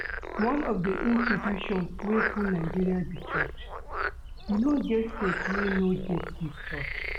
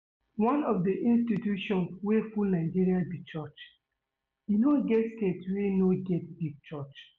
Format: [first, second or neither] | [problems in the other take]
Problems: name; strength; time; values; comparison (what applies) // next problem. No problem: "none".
second | background sound (Frog); 4 dB below the speech